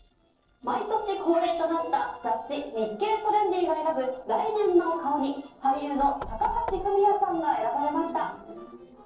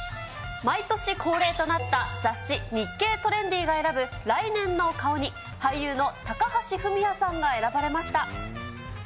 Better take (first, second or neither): second